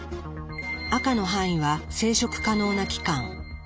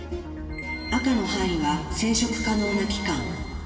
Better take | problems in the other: first | room echo; dies away in 2.5 s

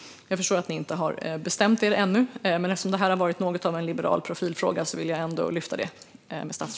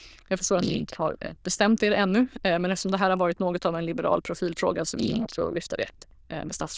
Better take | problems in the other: first | noise reduction (neural diffusion model UNIVERSE++)

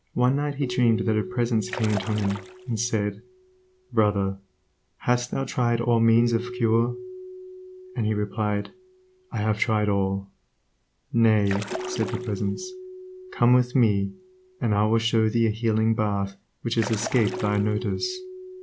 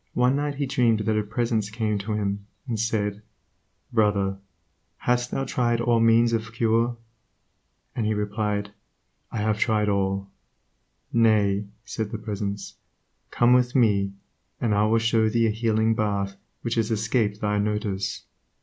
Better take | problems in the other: second | background sound (Keyboard (musical) + Splash, splatter); 13 dB below the speech

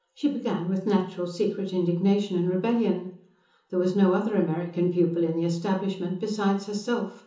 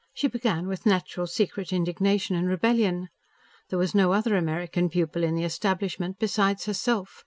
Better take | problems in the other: second | room echo; dies away in 0.6 s

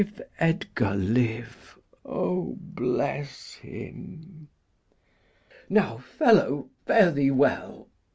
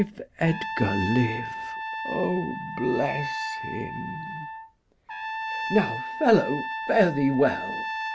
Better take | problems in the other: first | background sound (Trumpet); 6 dB below the speech

